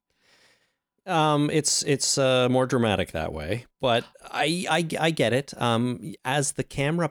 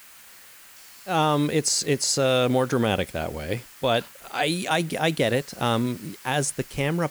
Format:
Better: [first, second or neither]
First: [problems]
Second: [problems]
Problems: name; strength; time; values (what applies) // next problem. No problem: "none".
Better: first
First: none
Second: hiss; faint; throughout; 20 dB below the speech